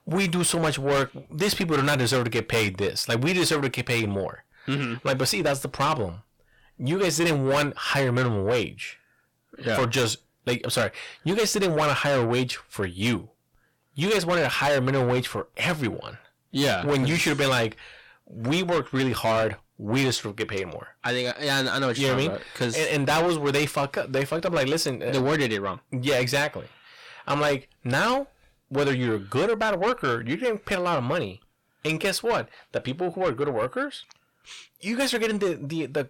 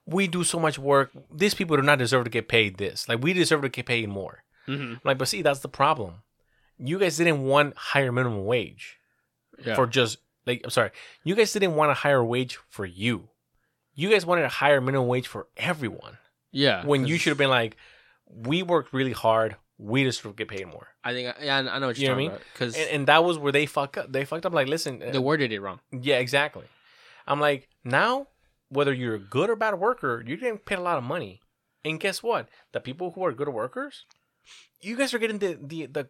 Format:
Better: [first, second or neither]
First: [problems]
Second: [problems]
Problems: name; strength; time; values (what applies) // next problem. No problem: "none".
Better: second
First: distortion; heavy; 6 dB below the speech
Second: none